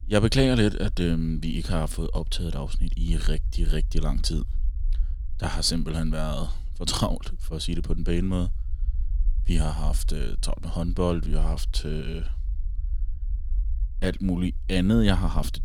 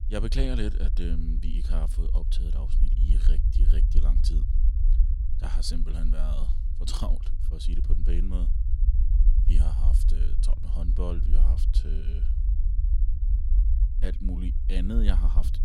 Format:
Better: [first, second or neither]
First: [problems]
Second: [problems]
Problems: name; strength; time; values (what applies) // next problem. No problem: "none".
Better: first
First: low rumble; faint; throughout; 25 dB below the speech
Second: low rumble; loud; throughout; 7 dB below the speech